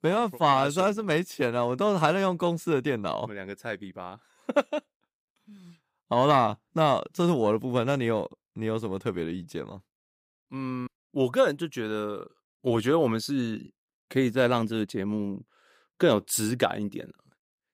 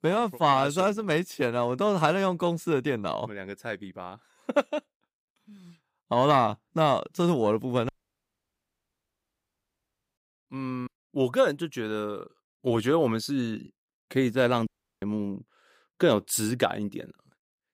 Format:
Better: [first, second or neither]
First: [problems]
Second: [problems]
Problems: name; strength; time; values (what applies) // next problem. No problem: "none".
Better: first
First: none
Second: audio cutting out; at 8 s for 2.5 s and at 15 s